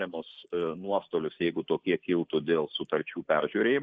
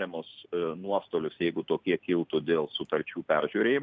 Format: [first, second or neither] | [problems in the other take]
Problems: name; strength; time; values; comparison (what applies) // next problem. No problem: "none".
second | noise reduction (neural mask model Resemble Enhance denoiser)